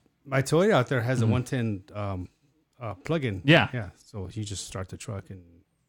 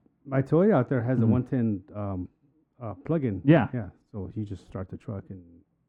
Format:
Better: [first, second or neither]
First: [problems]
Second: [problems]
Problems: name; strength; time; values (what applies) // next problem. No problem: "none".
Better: first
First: none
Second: muffled; very; fading above 2.5 kHz